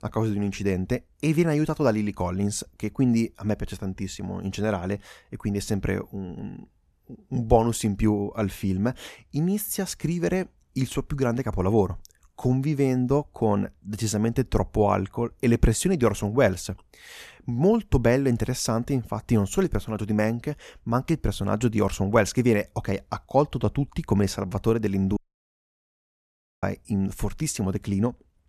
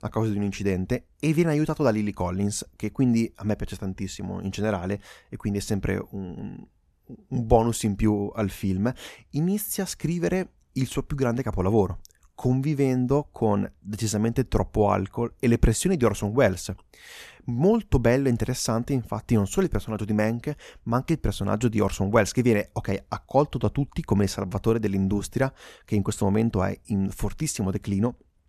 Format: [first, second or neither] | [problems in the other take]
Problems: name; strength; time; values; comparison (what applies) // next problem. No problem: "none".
second | audio cutting out; at 25 s for 1.5 s